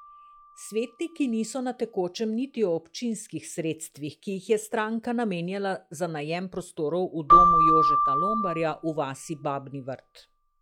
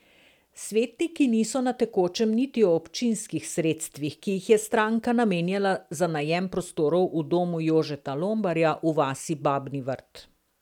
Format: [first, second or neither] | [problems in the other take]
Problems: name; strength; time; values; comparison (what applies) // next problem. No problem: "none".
second | noise reduction (classical method log-MMSE)